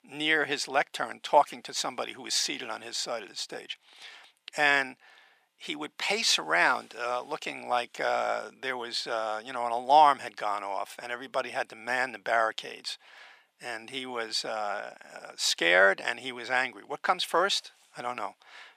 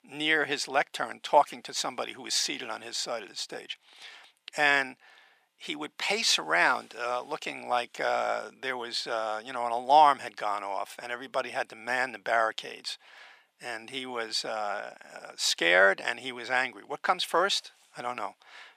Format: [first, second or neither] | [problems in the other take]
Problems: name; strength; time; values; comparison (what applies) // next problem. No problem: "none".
neither | thin; very; fading below 850 Hz; the same in both